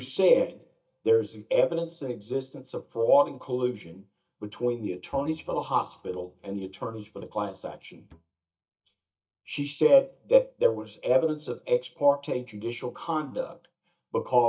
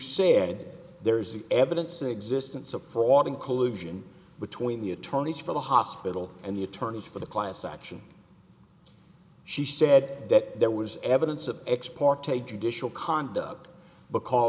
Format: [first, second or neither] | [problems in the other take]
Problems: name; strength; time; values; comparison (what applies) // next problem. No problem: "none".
second | noise reduction (neural mask model DeepFilterNet 3)